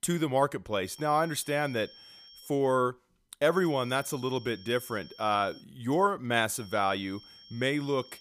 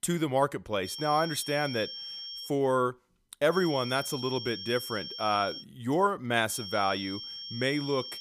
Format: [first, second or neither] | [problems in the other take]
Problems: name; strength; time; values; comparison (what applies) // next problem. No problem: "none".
first | high-pitched whine; loud; from 1 to 2.5 s, from 3.5 to 5.5 s and from 6.5 s on; 5.5 kHz, 9 dB below the speech; faint in the first